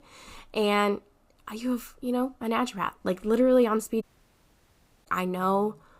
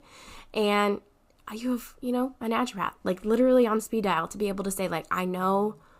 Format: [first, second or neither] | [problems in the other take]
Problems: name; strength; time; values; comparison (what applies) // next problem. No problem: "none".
second | audio cutting out; at 4 s for 1 s